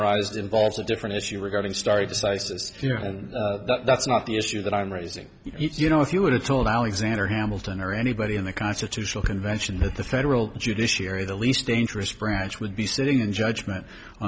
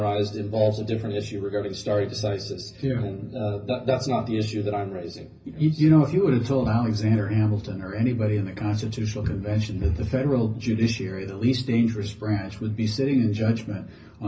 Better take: first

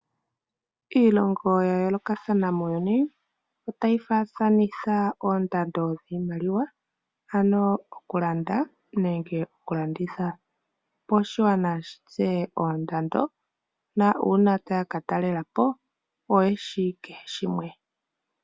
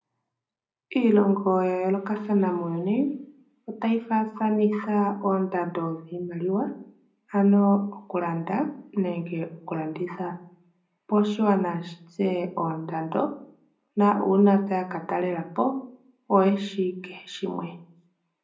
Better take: first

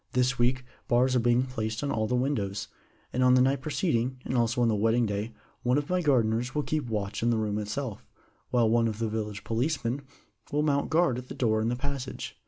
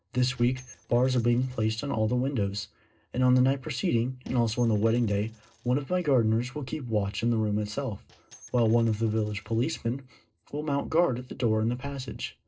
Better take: first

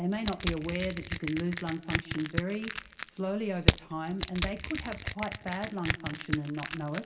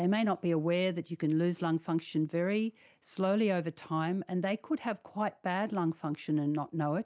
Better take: second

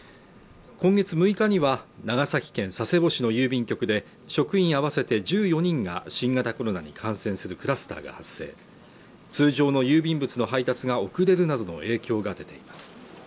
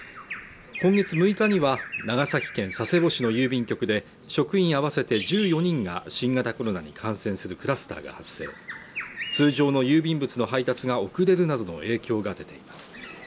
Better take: first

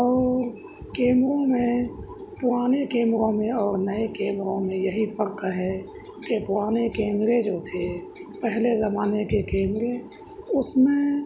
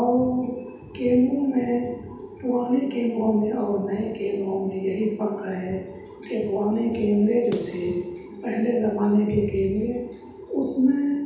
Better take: first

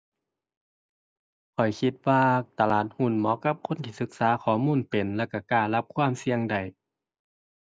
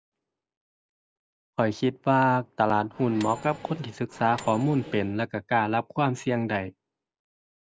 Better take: first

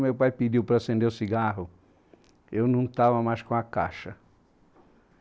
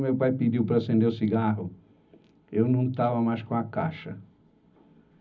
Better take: first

